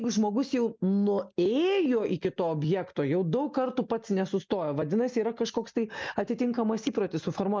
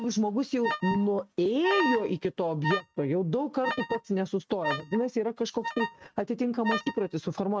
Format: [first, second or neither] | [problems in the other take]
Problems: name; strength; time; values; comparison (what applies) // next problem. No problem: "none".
first | noise reduction (neural mask model RNNoise)